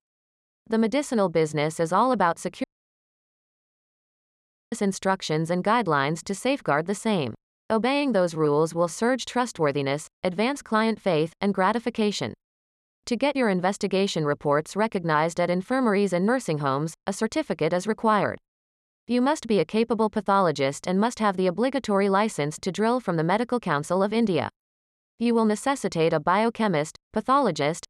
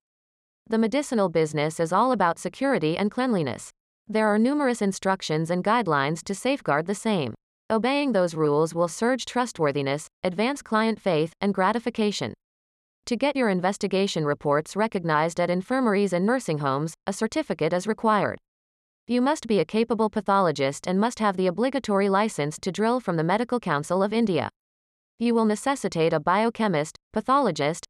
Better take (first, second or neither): second